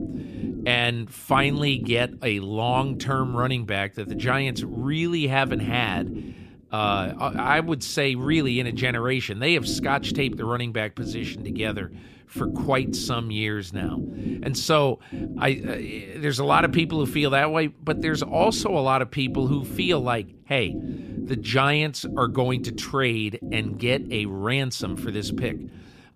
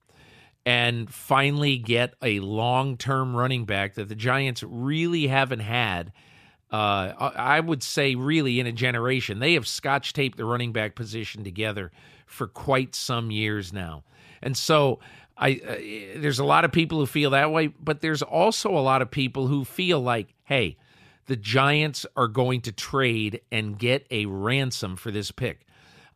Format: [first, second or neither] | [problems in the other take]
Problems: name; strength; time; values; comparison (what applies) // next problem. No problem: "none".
second | low rumble; noticeable; throughout; 15 dB below the speech